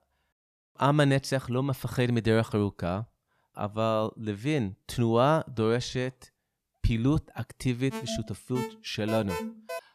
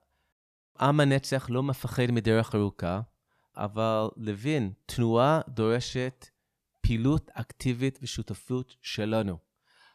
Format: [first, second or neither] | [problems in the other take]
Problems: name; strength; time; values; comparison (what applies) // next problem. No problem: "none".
second | alarm; noticeable; from 8 s on; peak 7 dB below the speech